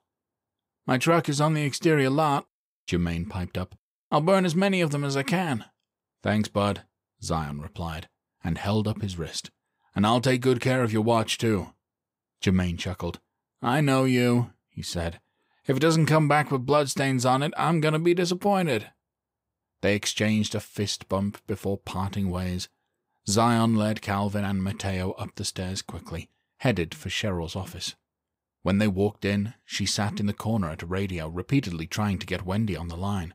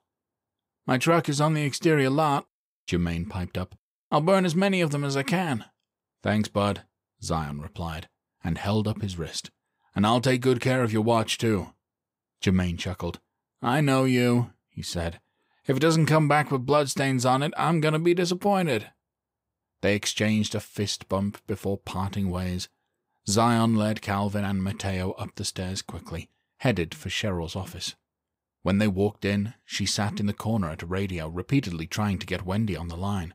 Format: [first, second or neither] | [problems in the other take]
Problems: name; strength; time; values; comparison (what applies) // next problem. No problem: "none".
neither | none